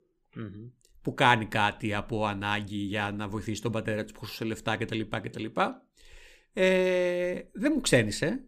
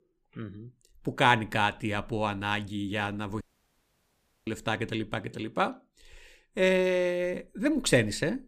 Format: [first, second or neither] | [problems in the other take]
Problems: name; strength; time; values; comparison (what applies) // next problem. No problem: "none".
first | audio cutting out; at 3.5 s for 1 s